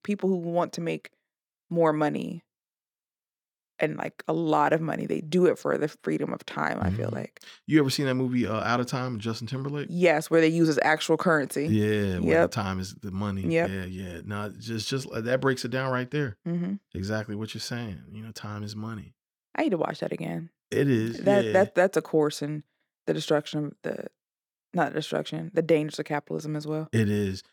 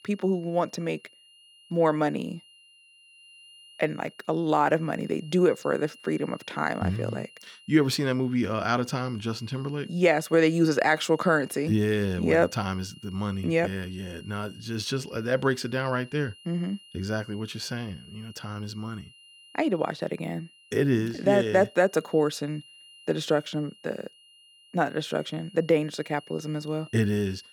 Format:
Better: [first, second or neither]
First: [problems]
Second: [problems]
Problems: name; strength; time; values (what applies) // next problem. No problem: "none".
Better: first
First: none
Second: high-pitched whine; faint; throughout; 3 kHz, 25 dB below the speech